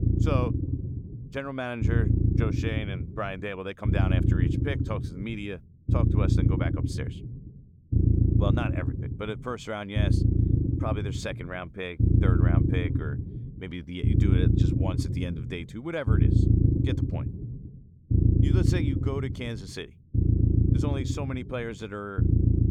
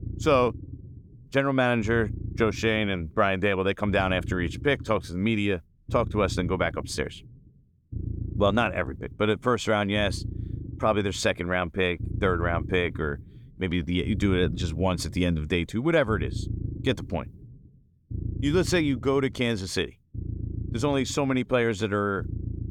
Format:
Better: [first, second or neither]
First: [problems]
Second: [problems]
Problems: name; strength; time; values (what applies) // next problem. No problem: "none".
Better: second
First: low rumble; loud; throughout; 1 dB below the speech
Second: low rumble; faint; throughout; 20 dB below the speech